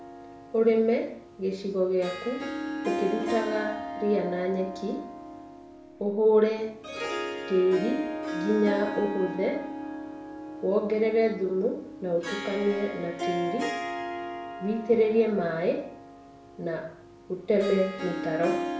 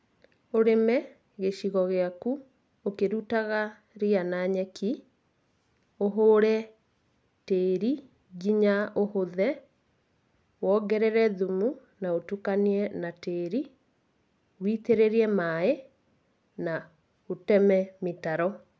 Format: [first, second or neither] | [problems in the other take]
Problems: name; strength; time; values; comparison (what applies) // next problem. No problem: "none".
second | background sound (Harp); 7 dB below the speech // room echo; dies away in 0.5 s